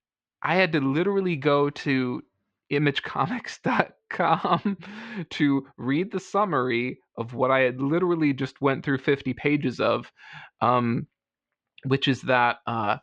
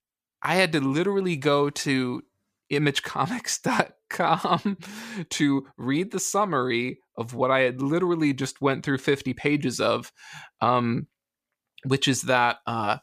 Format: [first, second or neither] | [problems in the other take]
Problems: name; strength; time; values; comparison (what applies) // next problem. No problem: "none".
second | muffled; slightly; fading above 3.5 kHz